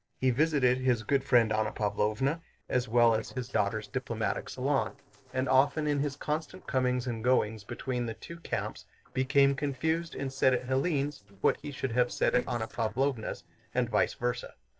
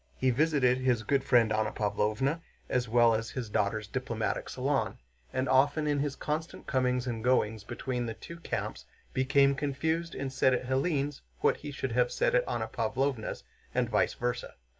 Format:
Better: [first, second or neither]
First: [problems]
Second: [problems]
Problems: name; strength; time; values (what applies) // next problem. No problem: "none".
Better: second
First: noise reduction (neural separator model SepFormer DNS4)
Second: none